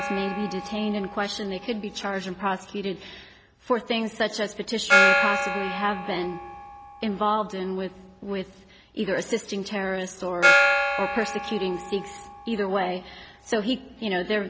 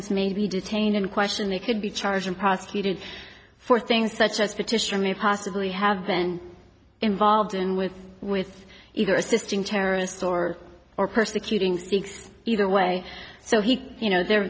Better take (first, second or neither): second